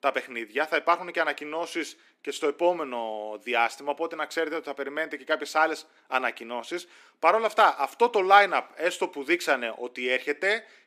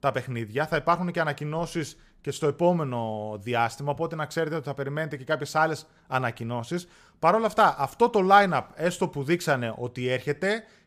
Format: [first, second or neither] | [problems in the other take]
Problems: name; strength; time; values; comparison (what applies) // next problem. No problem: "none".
second | thin; somewhat; fading below 250 Hz